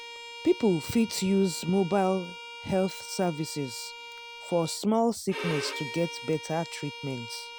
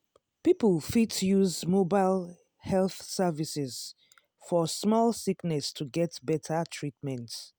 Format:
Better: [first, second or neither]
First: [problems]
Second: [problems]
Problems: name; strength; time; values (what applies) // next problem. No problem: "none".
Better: second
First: background sound (Bowed string instrument); 12 dB below the speech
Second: none